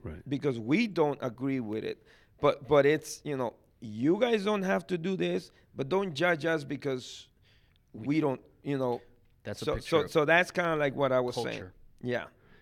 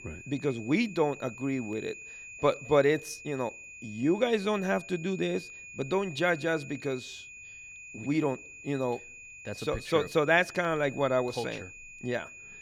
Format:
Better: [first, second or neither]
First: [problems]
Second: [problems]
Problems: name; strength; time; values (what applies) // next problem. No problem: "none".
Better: first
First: none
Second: high-pitched whine; noticeable; throughout; 2.5 kHz, 15 dB below the speech